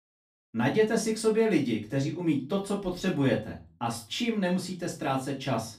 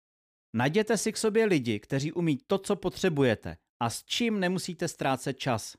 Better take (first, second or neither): second